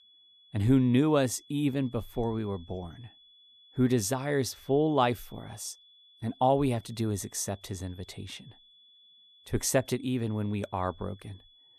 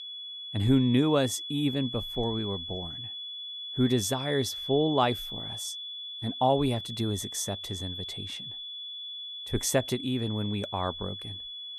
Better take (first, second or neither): first